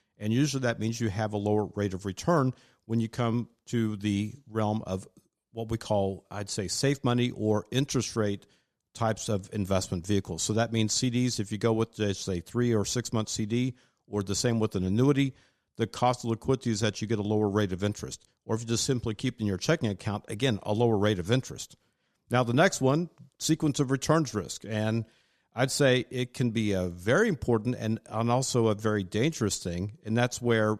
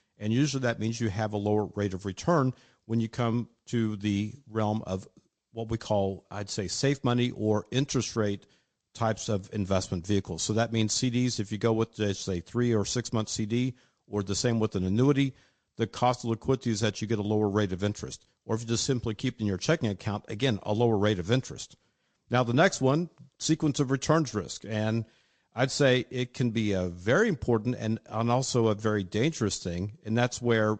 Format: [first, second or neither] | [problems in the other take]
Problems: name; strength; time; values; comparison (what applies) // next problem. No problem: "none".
first | garbled, watery; slightly; nothing above 7.5 kHz